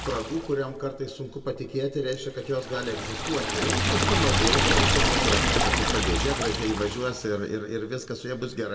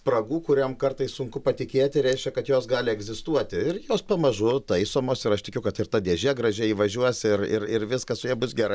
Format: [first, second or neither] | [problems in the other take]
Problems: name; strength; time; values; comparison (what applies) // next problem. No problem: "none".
second | background sound (Liquid); 3 dB above the speech // room echo; dies away in 1.9 s